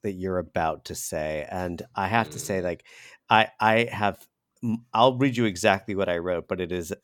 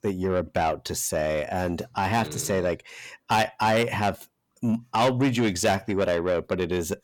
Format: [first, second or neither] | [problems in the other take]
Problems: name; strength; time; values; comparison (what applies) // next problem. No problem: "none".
first | distortion; heavy; 7 dB below the speech